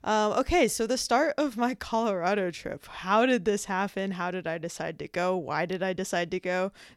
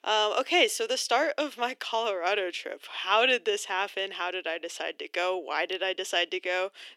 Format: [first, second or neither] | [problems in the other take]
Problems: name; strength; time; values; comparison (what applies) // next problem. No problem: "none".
first | thin; somewhat; fading below 300 Hz